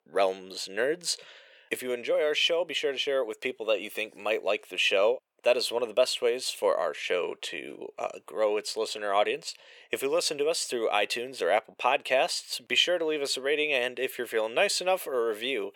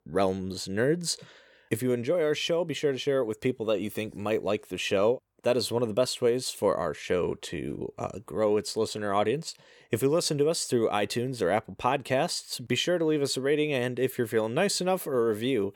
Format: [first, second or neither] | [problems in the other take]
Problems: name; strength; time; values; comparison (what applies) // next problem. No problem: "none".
second | thin; very; fading below 450 Hz